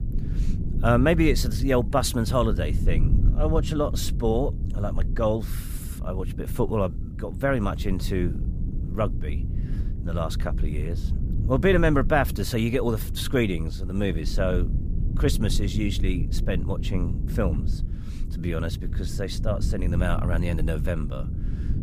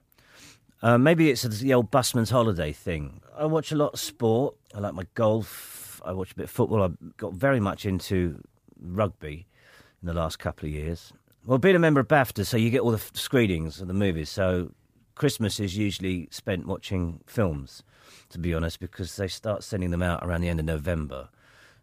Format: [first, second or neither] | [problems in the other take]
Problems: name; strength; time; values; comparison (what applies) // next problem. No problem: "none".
second | low rumble; noticeable; throughout; 15 dB below the speech